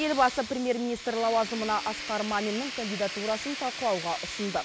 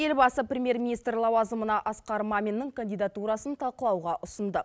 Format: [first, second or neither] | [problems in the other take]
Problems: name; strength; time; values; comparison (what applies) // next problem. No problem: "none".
second | background sound (Tools); 9 dB below the speech